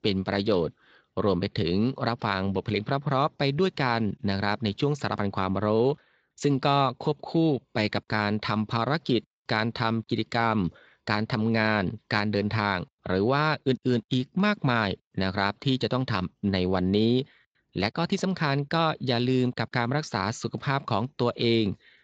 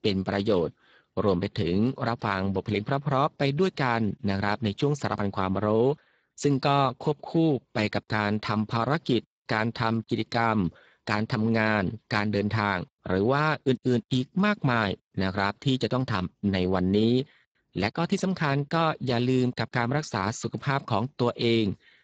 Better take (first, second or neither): first